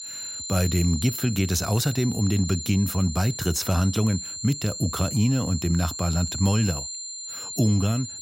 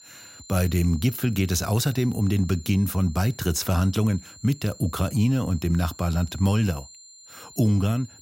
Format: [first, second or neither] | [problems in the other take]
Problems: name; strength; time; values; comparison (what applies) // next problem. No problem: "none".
second | high-pitched whine; loud; throughout; 7.5 kHz, 8 dB below the speech; faint in the second